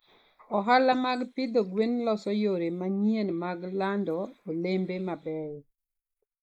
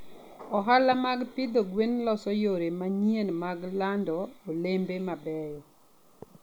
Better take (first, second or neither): second